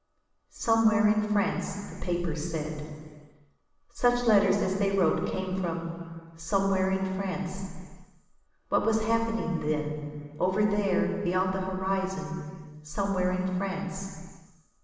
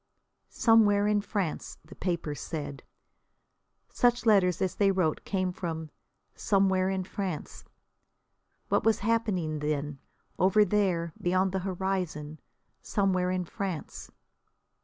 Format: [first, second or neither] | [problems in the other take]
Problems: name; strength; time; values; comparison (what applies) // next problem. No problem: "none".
second | room echo; dies away in 1.6 s